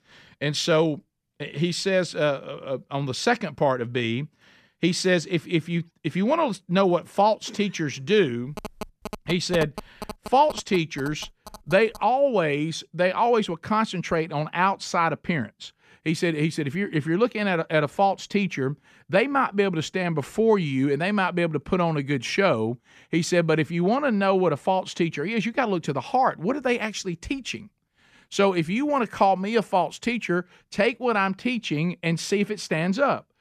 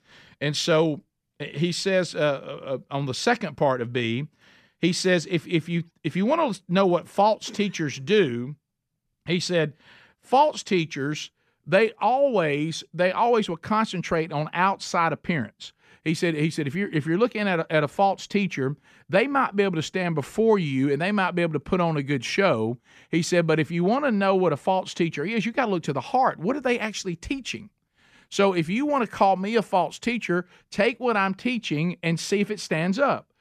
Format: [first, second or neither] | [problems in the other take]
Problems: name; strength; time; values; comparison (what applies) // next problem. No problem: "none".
second | phone ringing; noticeable; from 8.5 to 12 s; peak 10 dB below the speech